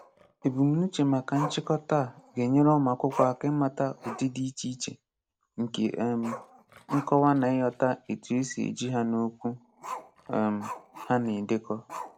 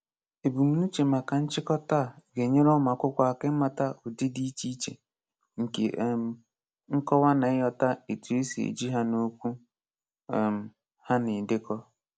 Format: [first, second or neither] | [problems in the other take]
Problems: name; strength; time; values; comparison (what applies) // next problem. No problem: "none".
second | background sound (Growling); 15 dB below the speech